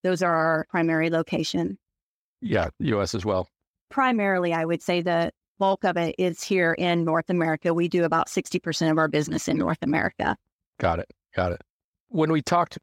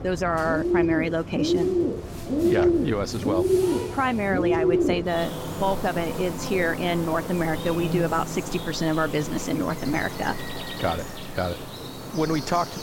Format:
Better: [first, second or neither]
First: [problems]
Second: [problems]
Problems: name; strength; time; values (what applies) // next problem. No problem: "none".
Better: first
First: none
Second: animal sounds; loud; throughout; 1 dB below the speech